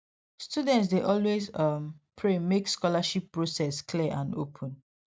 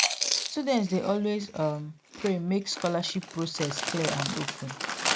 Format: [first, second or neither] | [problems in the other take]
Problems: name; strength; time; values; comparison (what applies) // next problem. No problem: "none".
first | background sound (Chewing, mastication); 3 dB below the speech